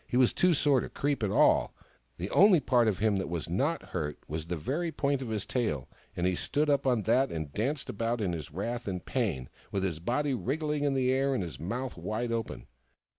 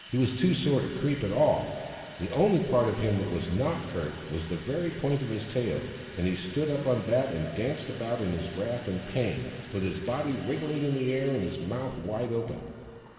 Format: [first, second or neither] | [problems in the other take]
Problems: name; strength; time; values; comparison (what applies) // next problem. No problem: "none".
first | background sound (Sink (filling or washing) / Water tap, faucet); 19 dB below the speech // room echo; dies away in 2.2 s